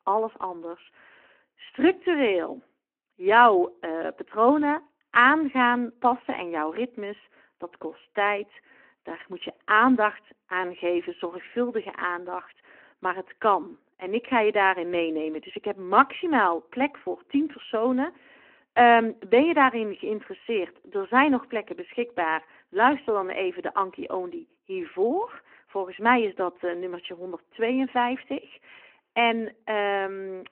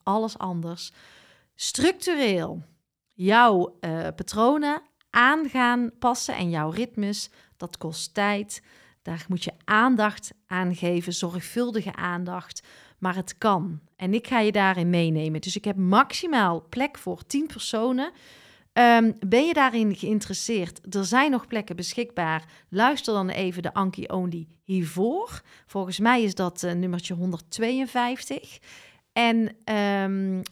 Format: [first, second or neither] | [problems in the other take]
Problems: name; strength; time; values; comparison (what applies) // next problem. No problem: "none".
second | phone-call audio